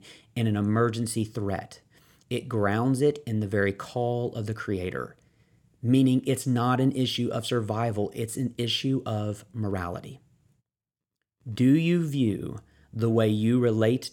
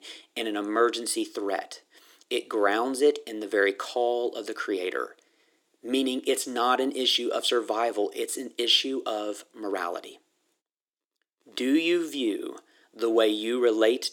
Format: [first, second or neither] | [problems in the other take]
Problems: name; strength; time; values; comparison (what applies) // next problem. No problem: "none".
first | thin; somewhat; fading below 300 Hz